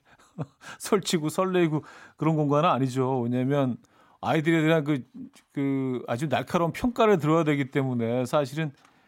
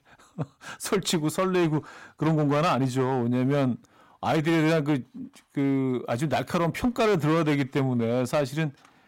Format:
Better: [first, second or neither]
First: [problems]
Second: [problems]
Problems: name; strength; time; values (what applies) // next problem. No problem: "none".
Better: first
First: none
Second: distortion; slight; 11% of the sound clipped